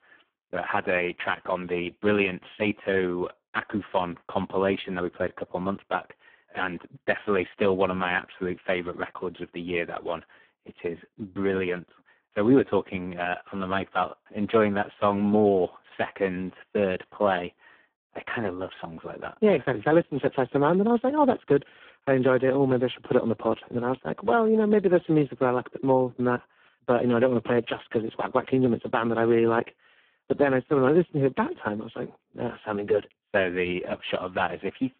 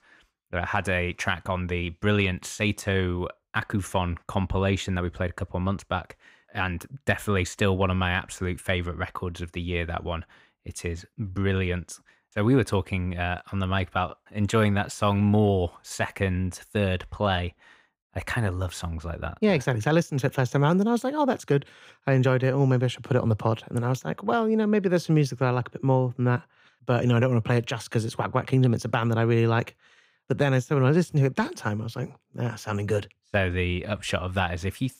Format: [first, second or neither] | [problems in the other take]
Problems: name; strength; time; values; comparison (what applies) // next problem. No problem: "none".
second | phone-call audio; poor line